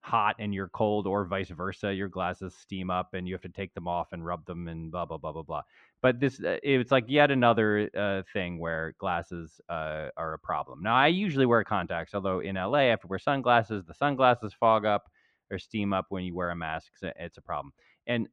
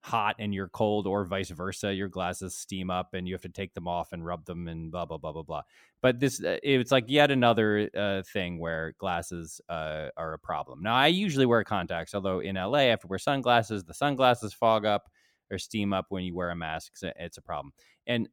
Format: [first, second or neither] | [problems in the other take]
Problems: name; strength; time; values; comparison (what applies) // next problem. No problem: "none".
second | muffled; slightly; fading above 2.5 kHz